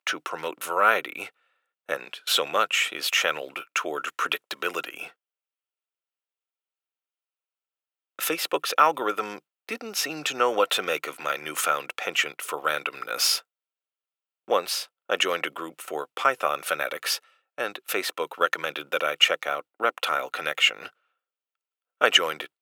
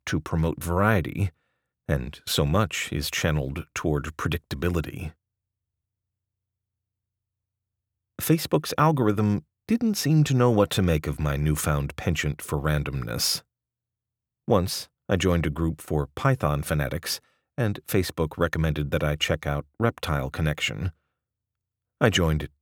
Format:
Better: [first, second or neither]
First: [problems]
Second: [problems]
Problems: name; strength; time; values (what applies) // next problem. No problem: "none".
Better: second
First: thin; very; fading below 500 Hz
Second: none